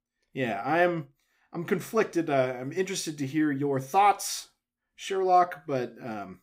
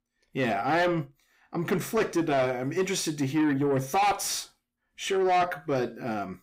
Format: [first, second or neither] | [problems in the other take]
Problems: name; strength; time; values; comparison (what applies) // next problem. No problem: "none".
first | distortion; heavy; 7 dB below the speech